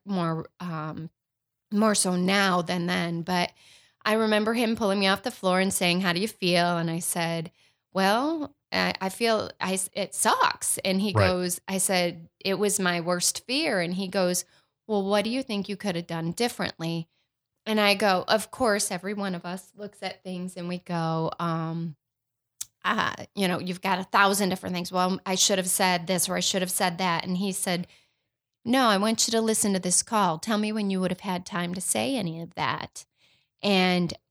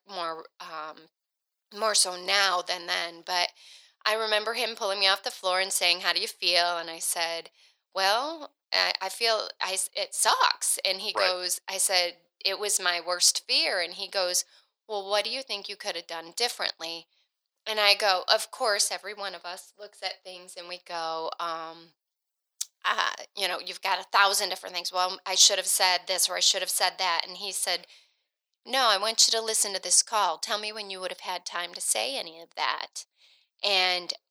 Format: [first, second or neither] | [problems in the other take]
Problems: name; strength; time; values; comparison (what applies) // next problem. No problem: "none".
first | thin; very; fading below 500 Hz